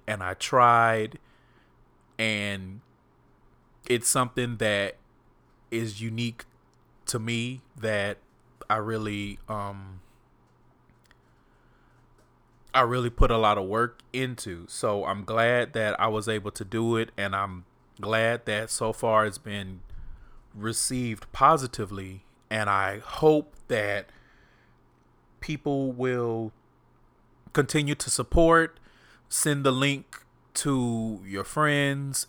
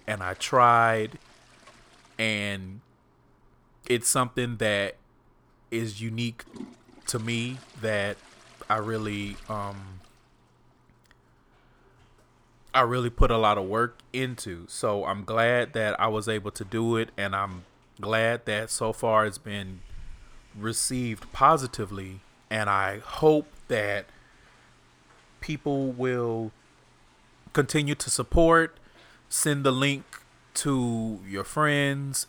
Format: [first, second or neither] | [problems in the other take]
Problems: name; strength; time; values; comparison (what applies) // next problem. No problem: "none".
first | household noises; faint; throughout; 30 dB below the speech